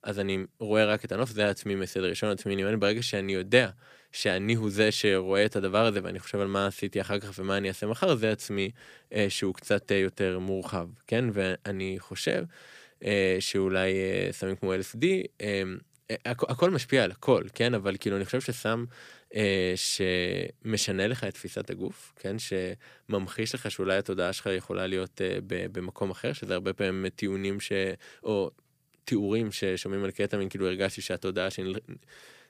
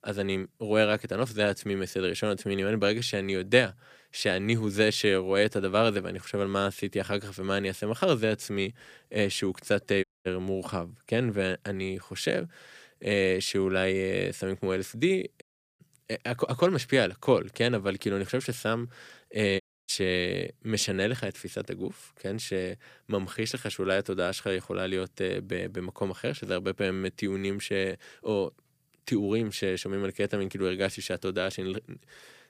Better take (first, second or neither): first